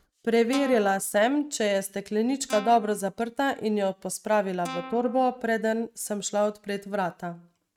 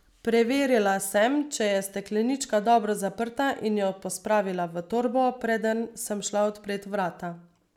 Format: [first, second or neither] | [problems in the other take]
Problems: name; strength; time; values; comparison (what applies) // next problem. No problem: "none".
second | noise reduction (neural mask model RNNoise)